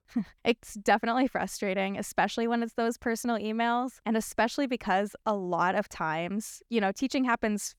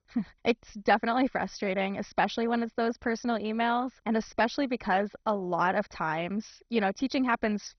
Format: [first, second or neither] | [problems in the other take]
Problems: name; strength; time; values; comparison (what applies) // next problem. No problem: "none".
first | garbled, watery; badly; nothing above 6 kHz